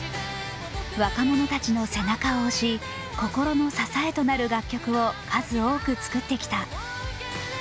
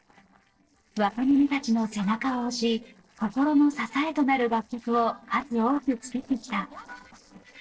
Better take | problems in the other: first | noise reduction (neural separator model SepFormer DNS4)

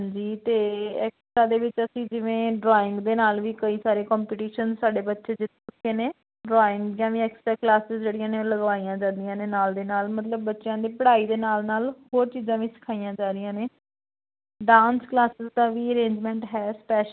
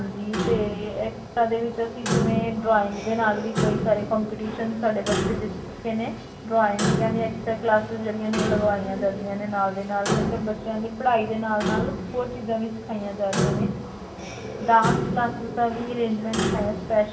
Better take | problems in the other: first | background sound (Clock); 3 dB below the speech // room echo; dies away in 0.8 s

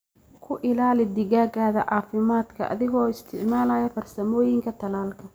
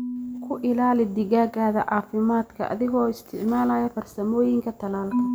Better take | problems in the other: first | background sound (Marimba, xylophone / Wood); 11 dB below the speech

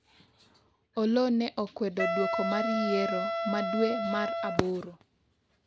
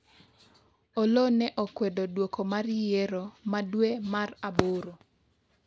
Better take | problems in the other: second | background sound (Wind instrument, woodwind instrument); as loud as the speech

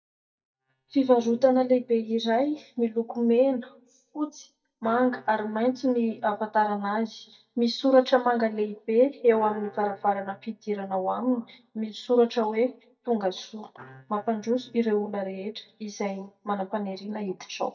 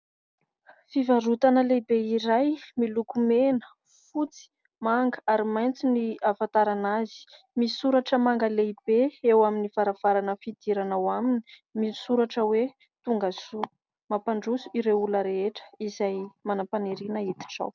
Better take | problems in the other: second | noise reduction (neural mask model DeepFilterNet 3)

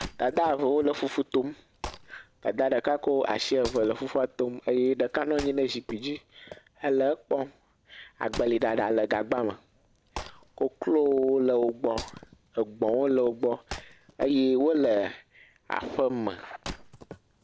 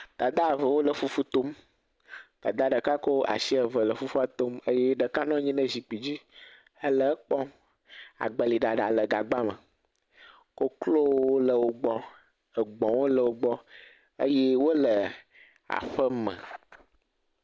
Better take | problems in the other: second | background sound (Wood); 18 dB below the speech

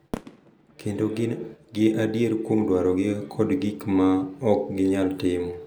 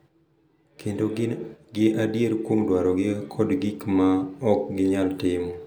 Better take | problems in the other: second | background sound (Fireworks); 19 dB below the speech

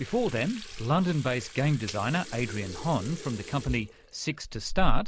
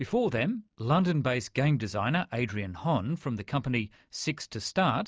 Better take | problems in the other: second | background sound (Sink (filling or washing) / Water tap, faucet); 2 dB below the speech

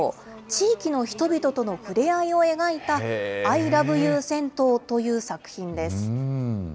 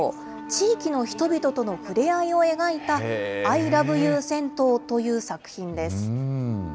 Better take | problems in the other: first | background sound (Wind instrument, woodwind instrument); 17 dB below the speech

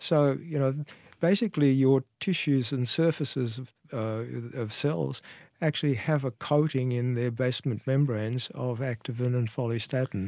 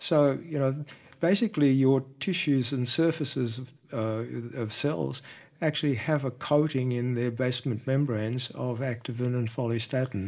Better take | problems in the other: first | room echo; dies away in 0.4 s

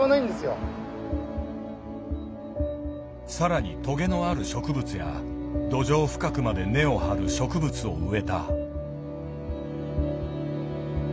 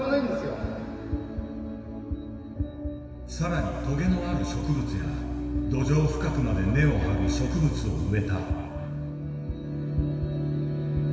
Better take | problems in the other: first | room echo; dies away in 2.5 s

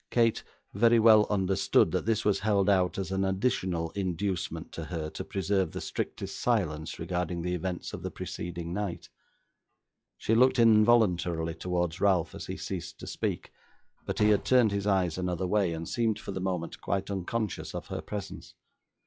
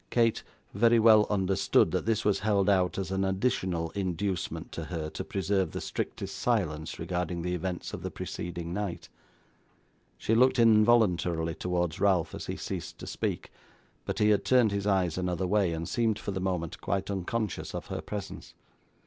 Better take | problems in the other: second | noise reduction (classical method log-MMSE)

